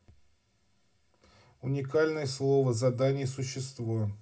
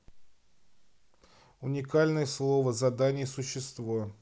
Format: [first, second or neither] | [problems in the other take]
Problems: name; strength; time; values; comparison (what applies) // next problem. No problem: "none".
second | room echo; dies away in 0.4 s